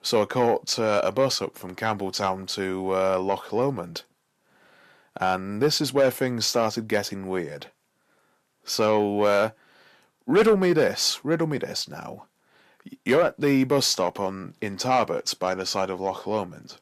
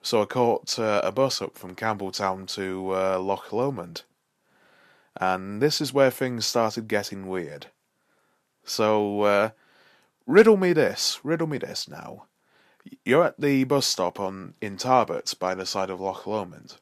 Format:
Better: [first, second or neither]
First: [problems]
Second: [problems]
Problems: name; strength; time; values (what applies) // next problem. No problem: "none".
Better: second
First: distortion; slight; 10 dB below the speech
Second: none